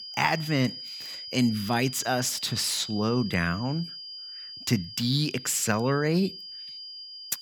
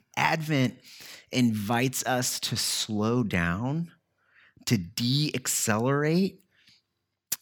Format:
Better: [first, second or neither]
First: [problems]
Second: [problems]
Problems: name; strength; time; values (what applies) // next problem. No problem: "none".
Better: second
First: high-pitched whine; noticeable; throughout; 5 kHz, 10 dB below the speech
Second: none